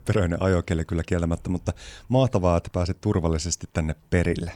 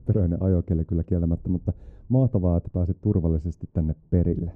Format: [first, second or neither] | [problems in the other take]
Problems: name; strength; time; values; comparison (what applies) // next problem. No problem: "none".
first | muffled; very; fading above 1 kHz